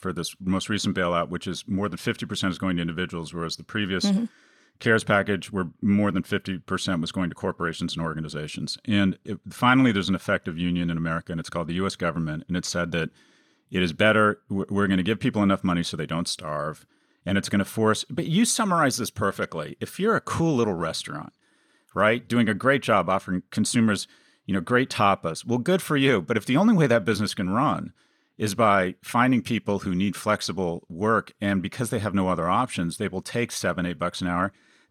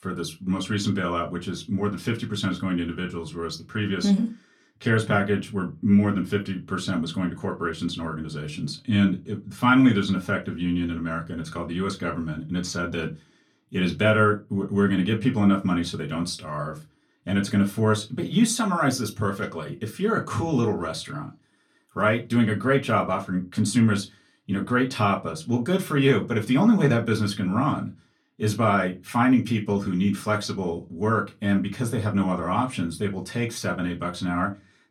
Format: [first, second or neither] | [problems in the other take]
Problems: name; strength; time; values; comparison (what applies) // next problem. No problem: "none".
first | off-mic speech; far // room echo; very slight; dies away in 0.2 s